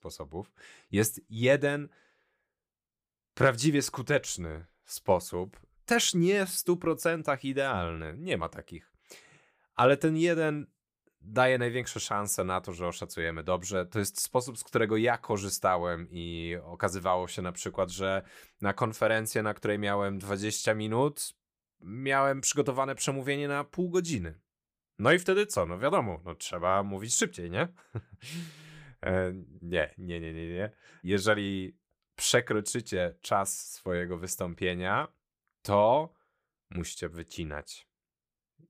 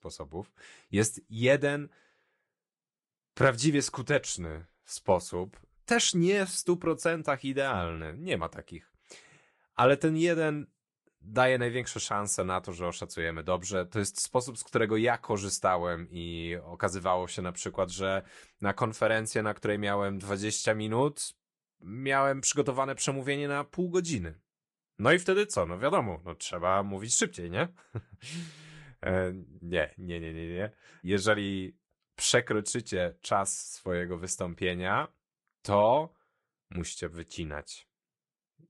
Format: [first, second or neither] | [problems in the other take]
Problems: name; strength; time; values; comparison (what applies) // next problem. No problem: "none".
first | garbled, watery; slightly; nothing above 10.5 kHz